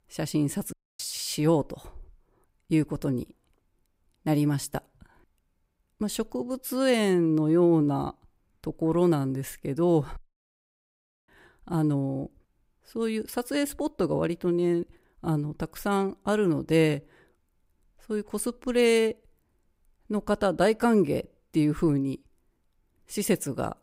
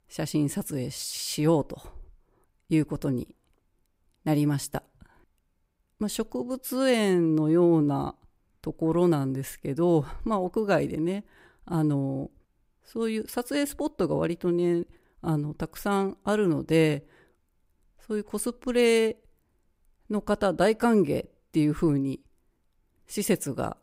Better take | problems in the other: second | audio cutting out; at 0.5 s and at 10 s for 1 s

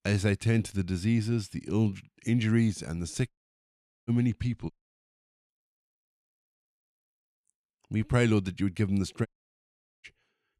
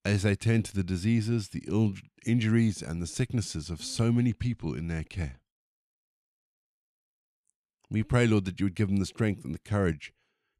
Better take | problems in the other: second | audio cutting out; at 3.5 s for 1 s, at 4.5 s for 1 s and at 9.5 s for 1 s

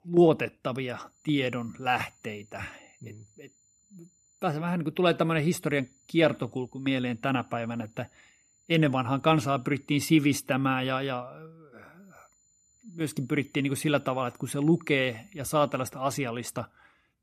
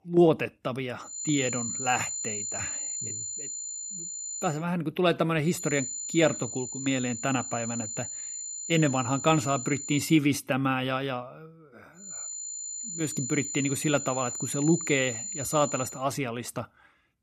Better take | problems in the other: first | high-pitched whine; loud; from 1 to 4.5 s, from 5.5 to 10 s and from 12 to 16 s; 7 kHz, 5 dB below the speech; faint in the first

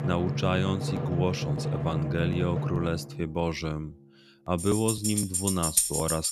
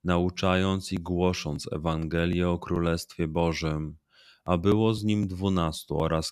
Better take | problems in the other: second | background music; very loud; throughout; as loud as the speech

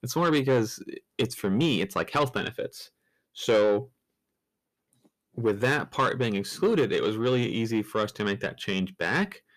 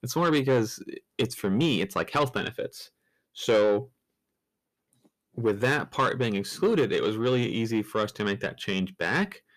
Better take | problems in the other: neither | distortion; slight; 10 dB below the speech; the same in both

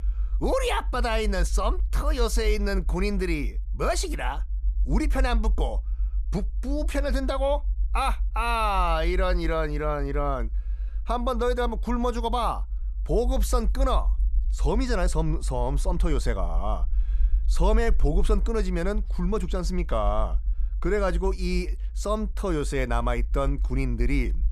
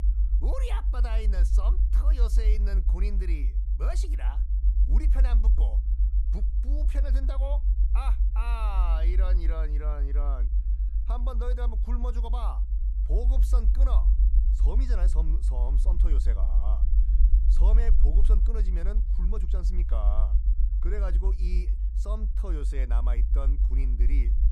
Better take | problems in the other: first | low rumble; loud; throughout; 7 dB below the speech; faint in the first

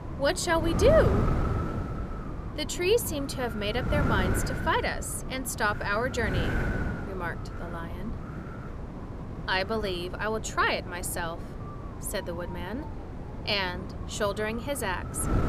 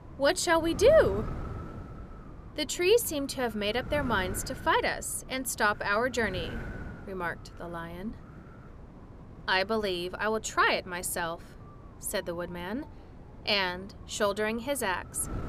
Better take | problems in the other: second | wind noise on the microphone; heavy; 9 dB below the speech; occasional gusts in the second

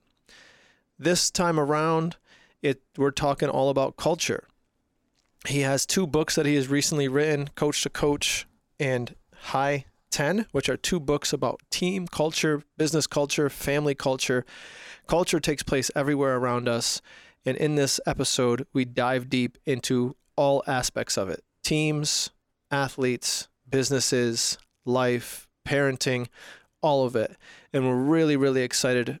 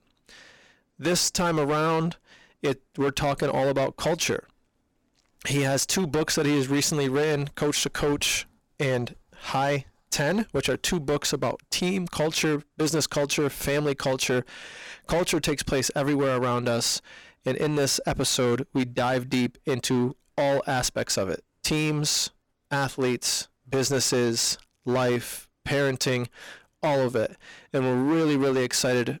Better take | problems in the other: first | distortion; slight; 14% of the sound clipped

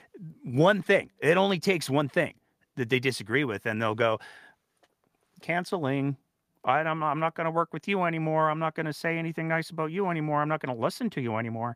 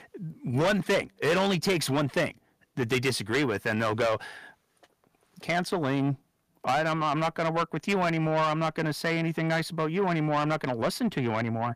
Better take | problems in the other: first | distortion; heavy; 7 dB below the speech

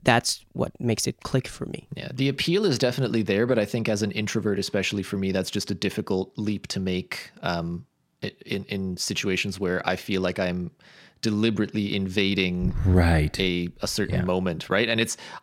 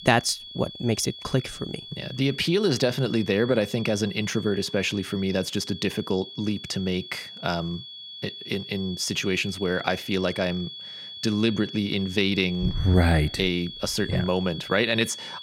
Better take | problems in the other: first | high-pitched whine; noticeable; throughout; 3.5 kHz, 10 dB below the speech

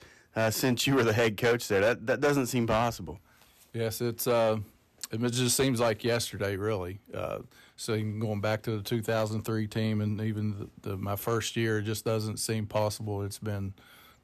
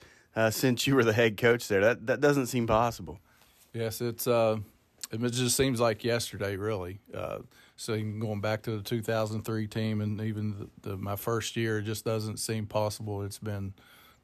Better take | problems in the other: second | distortion; slight; 4% of the sound clipped

